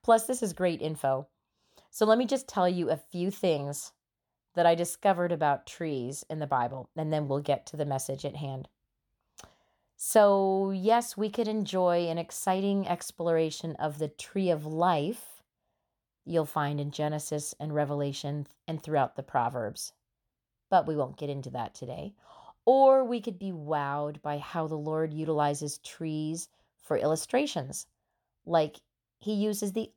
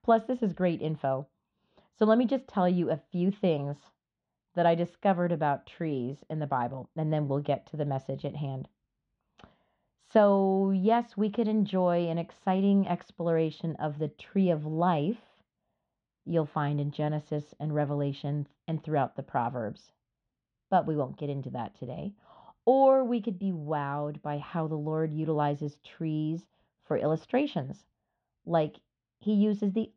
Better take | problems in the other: first | muffled; very; fading above 3.5 kHz

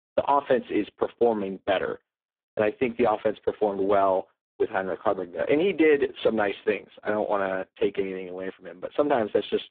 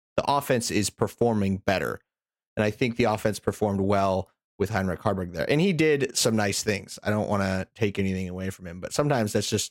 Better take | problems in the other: second | phone-call audio; poor line

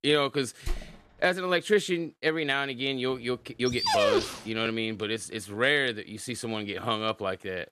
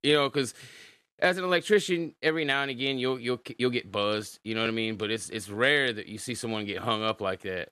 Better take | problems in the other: second | door banging; faint; at 0.5 s; peak 10 dB below the speech // dog barking; loud; at 3.5 s; peak 5 dB above the speech

